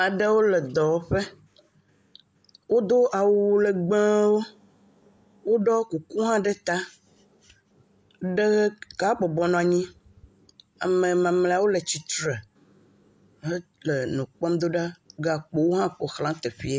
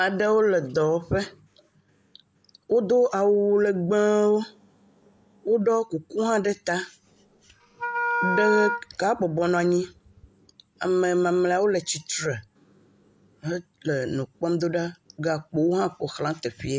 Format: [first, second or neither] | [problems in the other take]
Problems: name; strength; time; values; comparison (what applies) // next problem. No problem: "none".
first | background sound (Wind instrument, woodwind instrument); 4 dB below the speech